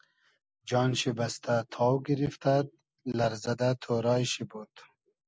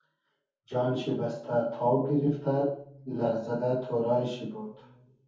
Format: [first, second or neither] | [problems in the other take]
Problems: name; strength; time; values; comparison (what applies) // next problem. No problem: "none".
first | room echo; dies away in 0.6 s